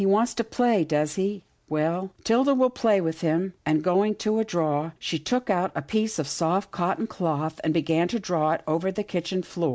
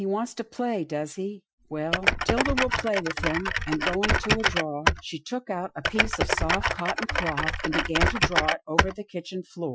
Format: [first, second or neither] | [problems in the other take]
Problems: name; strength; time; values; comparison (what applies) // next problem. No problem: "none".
first | noise reduction (classical method Wiener filter)